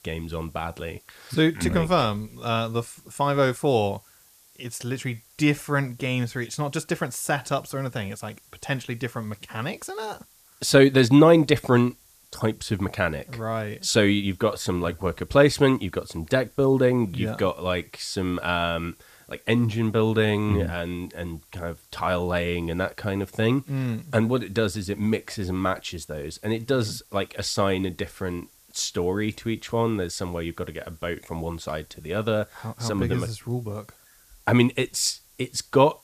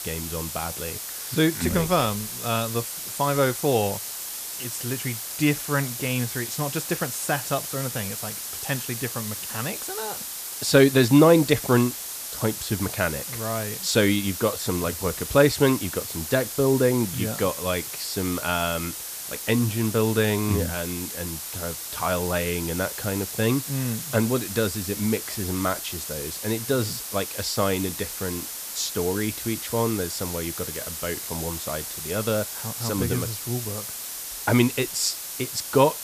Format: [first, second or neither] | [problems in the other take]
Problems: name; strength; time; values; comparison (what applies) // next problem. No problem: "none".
first | hiss; loud; throughout; 6 dB below the speech; faint in the first